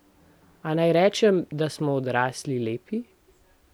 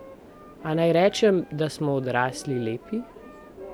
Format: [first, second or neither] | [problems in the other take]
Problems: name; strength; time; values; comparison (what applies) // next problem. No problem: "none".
first | background sound (Wind instrument, woodwind instrument + Subway, metro, underground); 18 dB below the speech